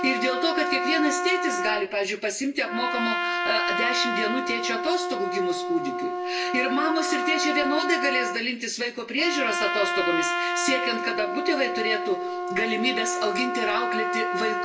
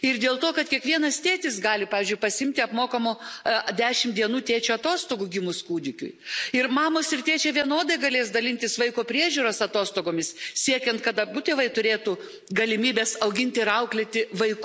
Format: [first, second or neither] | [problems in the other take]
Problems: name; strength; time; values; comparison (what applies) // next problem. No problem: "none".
second | background sound (Trumpet); 1 dB below the speech // room echo; dies away in 0.2 s